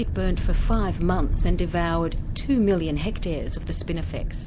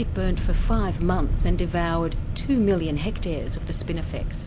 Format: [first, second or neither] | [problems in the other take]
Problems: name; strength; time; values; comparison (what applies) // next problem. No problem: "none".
first | background sound (Mechanisms); 12 dB below the speech